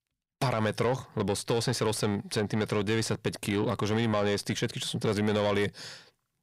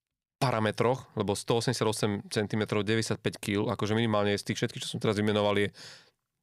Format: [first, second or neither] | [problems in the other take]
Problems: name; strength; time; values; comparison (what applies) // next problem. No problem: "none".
second | distortion; slight; 10 dB below the speech